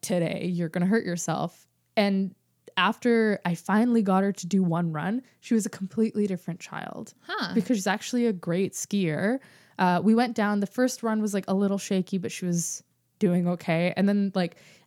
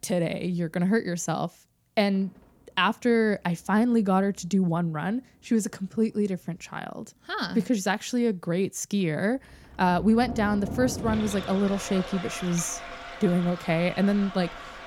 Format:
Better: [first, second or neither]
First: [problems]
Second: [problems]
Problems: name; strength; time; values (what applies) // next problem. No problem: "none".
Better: first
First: none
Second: household noises; noticeable; throughout; 10 dB below the speech